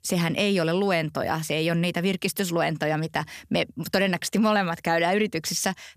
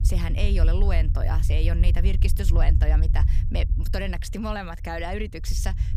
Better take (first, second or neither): first